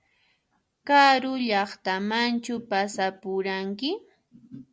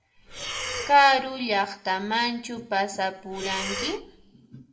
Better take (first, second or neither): first